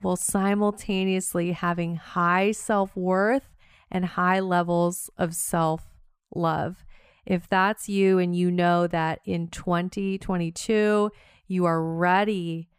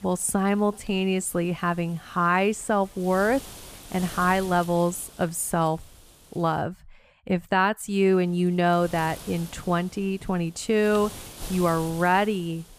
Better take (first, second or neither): first